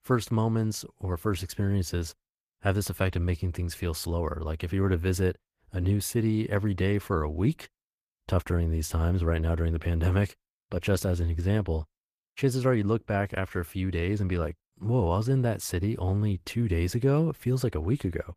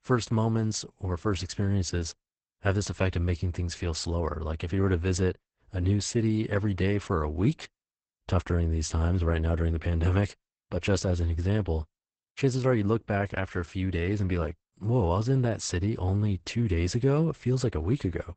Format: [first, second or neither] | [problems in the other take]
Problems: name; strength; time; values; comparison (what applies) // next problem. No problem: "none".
first | garbled, watery; badly; nothing above 8 kHz; slightly in the first